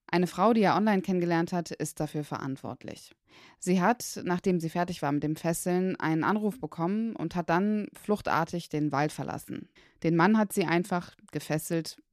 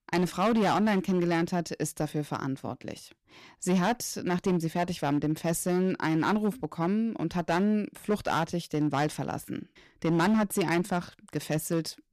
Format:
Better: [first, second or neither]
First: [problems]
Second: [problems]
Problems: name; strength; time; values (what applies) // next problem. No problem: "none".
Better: first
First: none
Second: distortion; slight; 8% of the sound clipped